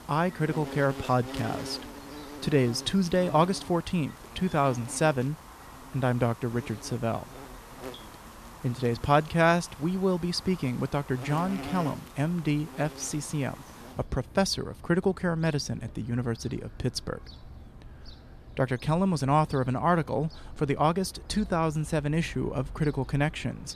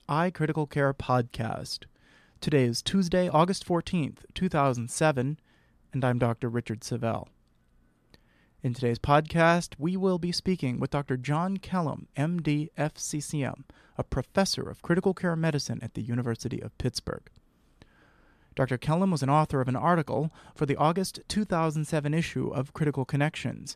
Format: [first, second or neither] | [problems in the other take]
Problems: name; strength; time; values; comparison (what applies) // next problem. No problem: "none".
second | animal sounds; noticeable; throughout; 15 dB below the speech